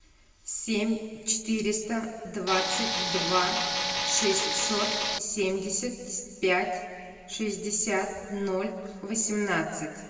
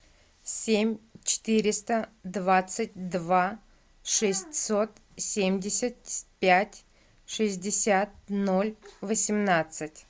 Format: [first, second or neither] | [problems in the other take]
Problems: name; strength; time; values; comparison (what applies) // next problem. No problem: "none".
second | background sound (Tools); 1 dB above the speech // room echo; dies away in 1.6 s